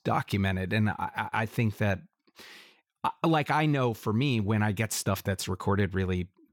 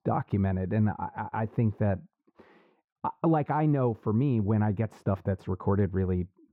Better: first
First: none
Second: muffled; very; fading above 2.5 kHz

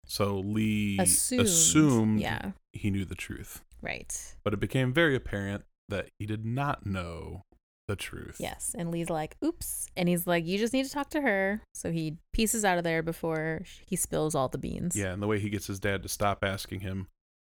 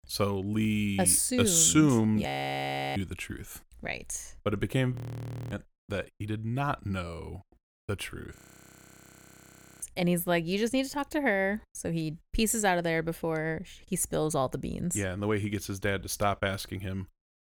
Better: first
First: none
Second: audio freezing; at 2.5 s for 0.5 s, at 5 s for 0.5 s and at 8.5 s for 1.5 s

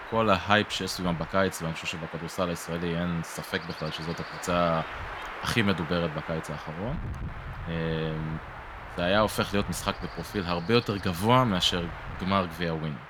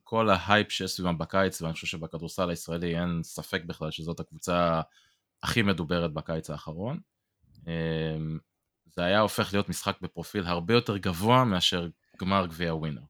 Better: second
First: wind noise on the microphone; occasional gusts; 10 dB below the speech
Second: none

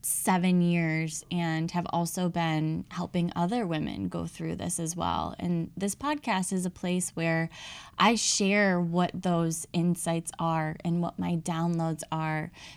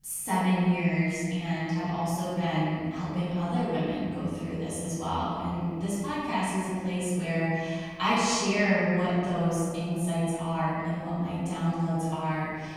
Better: first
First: none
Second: off-mic speech; far // room echo; strong; dies away in 1.9 s

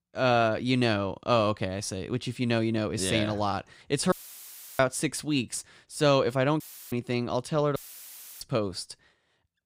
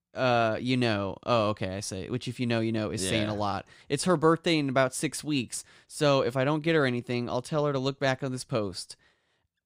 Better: second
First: audio cutting out; filled with static; at 4 s for 0.5 s, at 6.5 s and at 8 s for 0.5 s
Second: none

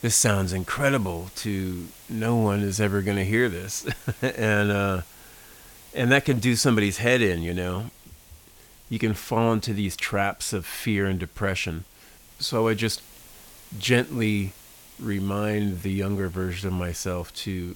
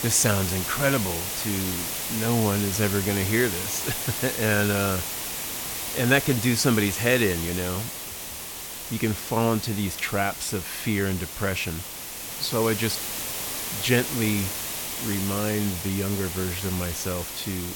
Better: first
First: hiss; faint; throughout; 20 dB below the speech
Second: hiss; loud; throughout; 4 dB below the speech

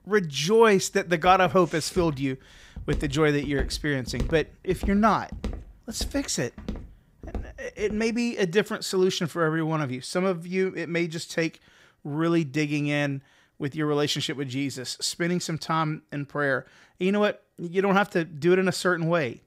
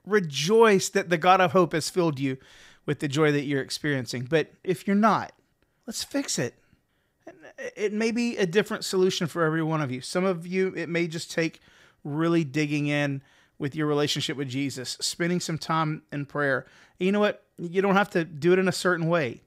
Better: second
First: footsteps; faint; from 1.5 to 8 s; peak 10 dB below the speech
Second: none

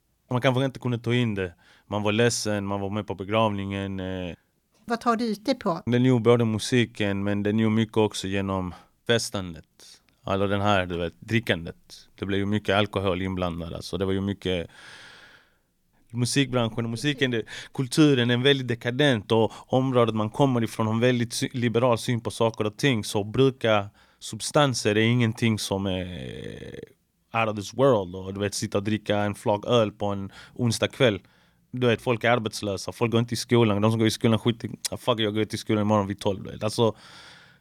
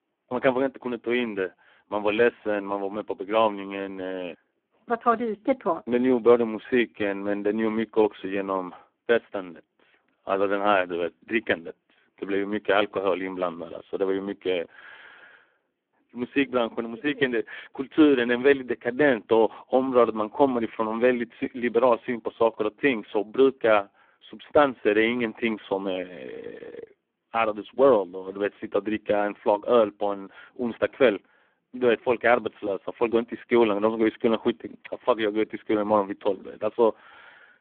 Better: first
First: none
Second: phone-call audio; poor line

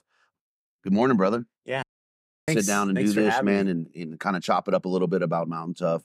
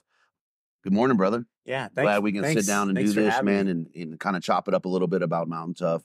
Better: second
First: audio cutting out; at 2 s for 0.5 s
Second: none

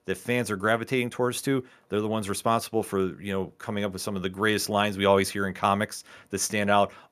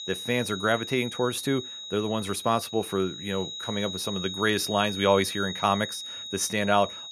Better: first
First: none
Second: high-pitched whine; loud; throughout; 4 kHz, 8 dB below the speech

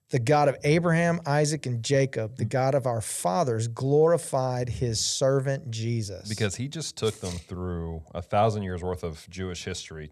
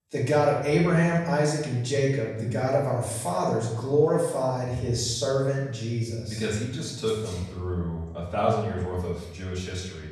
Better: first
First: none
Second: room echo; noticeable; dies away in 0.9 s // off-mic speech; far

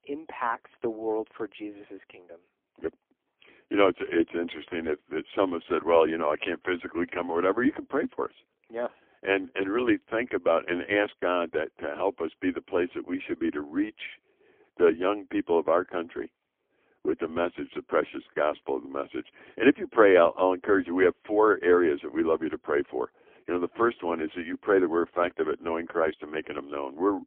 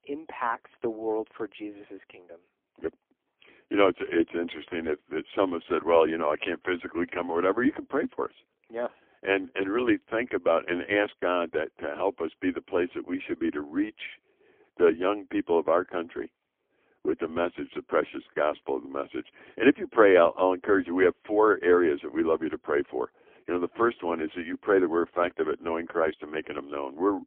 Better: neither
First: phone-call audio; poor line; nothing above 3.5 kHz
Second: phone-call audio; poor line; nothing above 3.5 kHz

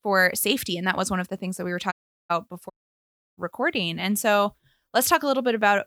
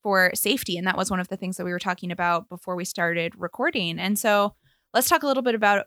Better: second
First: audio cutting out; at 2 s and at 2.5 s for 0.5 s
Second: none

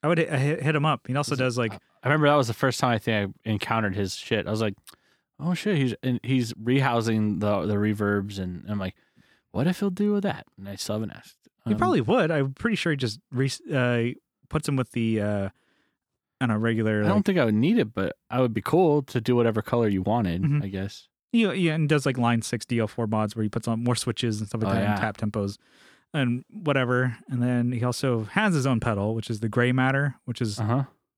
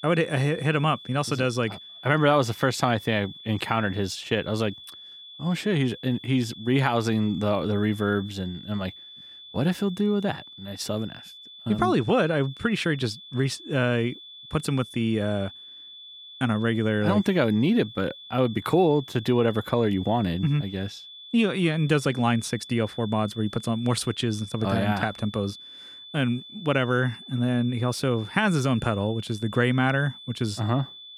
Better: first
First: none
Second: high-pitched whine; noticeable; throughout; 3.5 kHz, 15 dB below the speech

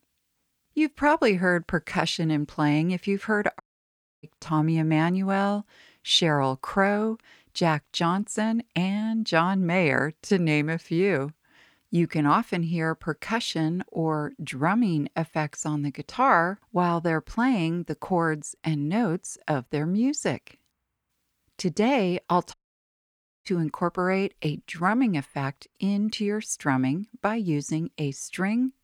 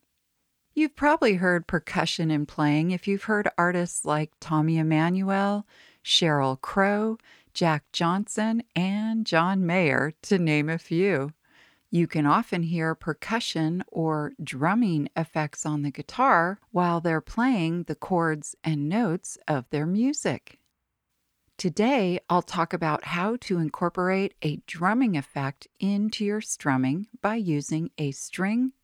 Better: second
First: audio cutting out; at 3.5 s for 0.5 s and at 23 s for 1 s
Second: none

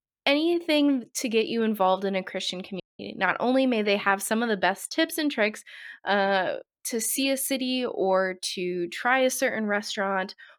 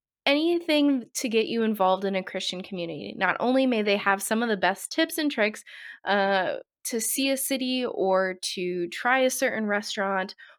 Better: second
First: audio cutting out; at 3 s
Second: none

